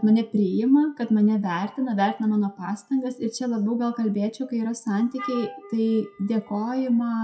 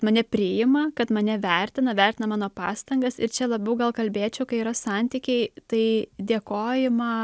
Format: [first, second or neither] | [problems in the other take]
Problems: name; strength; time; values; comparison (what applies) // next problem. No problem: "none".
second | noise reduction (classical method WPE with log-MMSE)